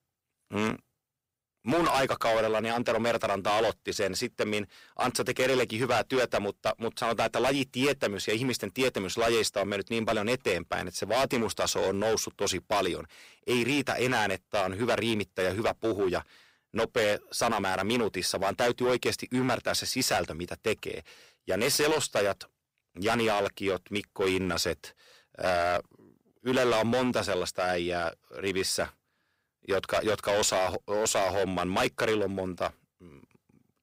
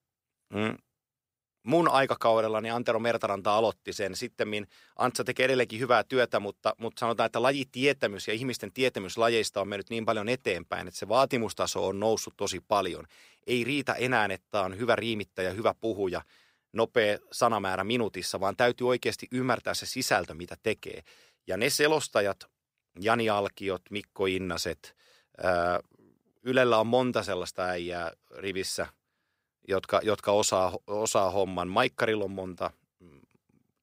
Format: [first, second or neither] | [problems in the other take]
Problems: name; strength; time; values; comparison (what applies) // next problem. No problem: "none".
second | distortion; heavy; 12% of the sound clipped